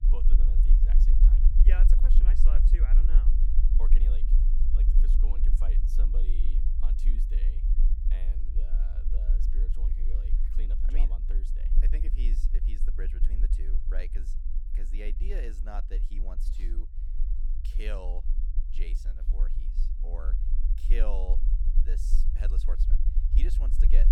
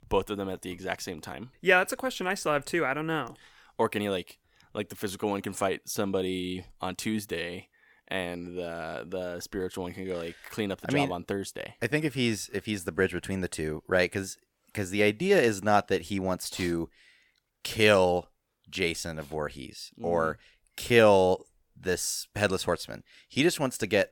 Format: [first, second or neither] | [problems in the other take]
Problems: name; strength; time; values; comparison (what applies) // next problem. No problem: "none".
second | low rumble; loud; throughout; 4 dB below the speech